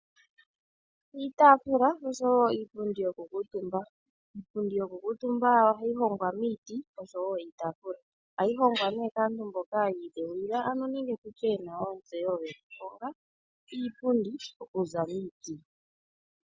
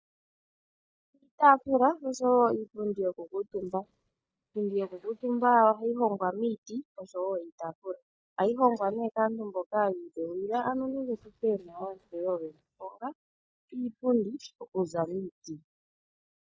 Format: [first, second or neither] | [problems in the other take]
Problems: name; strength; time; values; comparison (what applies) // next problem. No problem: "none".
first | noise reduction (neural mask model DeepFilterNet 3)